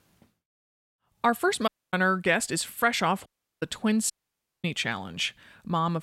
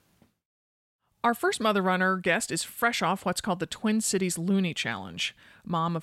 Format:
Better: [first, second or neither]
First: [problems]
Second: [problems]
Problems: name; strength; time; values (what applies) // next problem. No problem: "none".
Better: second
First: audio cutting out; at 1.5 s, at 3.5 s and at 4 s for 0.5 s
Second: none